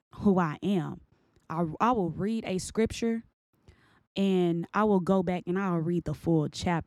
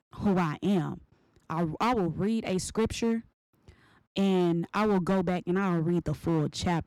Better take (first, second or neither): first